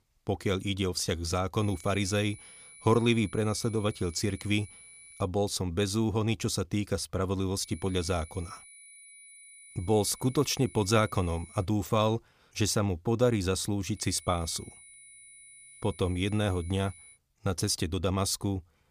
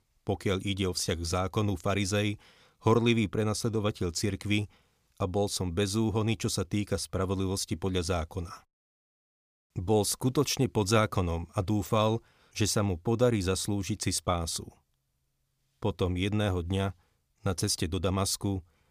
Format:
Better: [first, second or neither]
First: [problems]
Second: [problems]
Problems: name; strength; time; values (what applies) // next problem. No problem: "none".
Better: second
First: high-pitched whine; noticeable; from 1.5 to 5 s, from 7.5 to 12 s and from 14 to 17 s; 10 kHz, 20 dB below the speech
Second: none